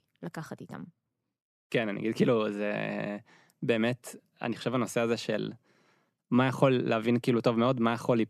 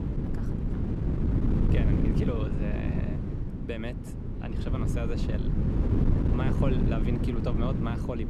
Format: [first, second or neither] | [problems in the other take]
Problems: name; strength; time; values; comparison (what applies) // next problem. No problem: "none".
first | wind noise on the microphone; heavy; 1 dB above the speech